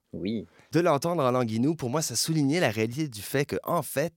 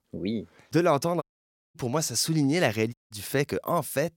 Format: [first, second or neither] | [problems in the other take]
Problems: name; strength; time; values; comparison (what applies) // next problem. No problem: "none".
first | audio cutting out; at 1 s for 0.5 s and at 3 s